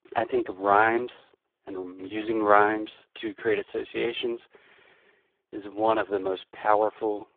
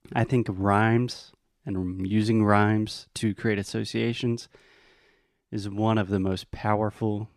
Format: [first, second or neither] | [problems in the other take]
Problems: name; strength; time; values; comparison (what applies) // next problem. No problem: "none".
second | phone-call audio; poor line